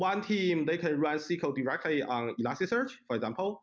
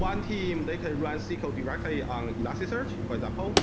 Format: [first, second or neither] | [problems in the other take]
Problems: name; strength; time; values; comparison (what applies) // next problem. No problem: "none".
first | background sound (Slam); 1 dB above the speech